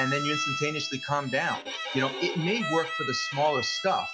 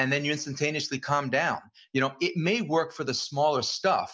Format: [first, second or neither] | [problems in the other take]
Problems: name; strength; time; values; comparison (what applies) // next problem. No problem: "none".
second | noise reduction (classical method log-MMSE)